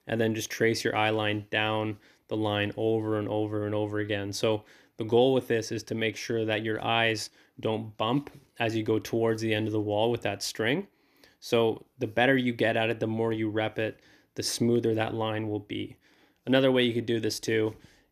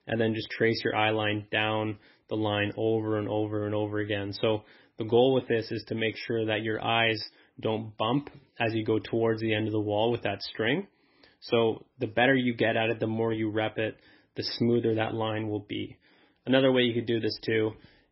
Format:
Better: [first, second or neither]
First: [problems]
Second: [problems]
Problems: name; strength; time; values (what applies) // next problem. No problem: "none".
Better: first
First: none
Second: garbled, watery; badly; nothing above 5.5 kHz